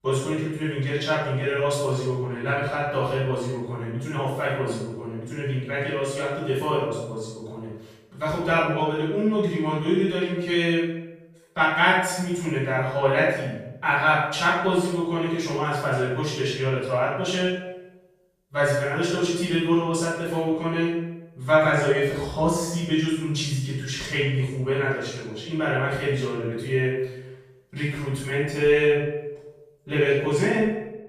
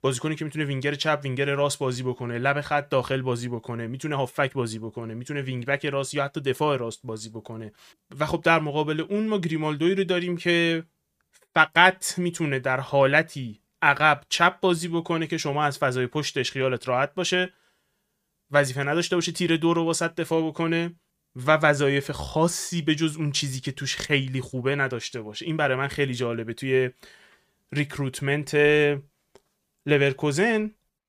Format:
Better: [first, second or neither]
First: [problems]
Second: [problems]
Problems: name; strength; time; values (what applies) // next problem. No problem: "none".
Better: second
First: off-mic speech; far // room echo; strong; dies away in 0.8 s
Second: none